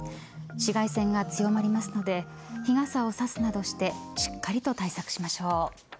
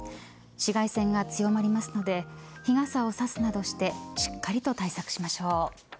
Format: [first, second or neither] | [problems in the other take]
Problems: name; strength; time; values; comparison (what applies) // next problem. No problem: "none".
second | background sound (Brass instrument + Marimba, xylophone); 14 dB below the speech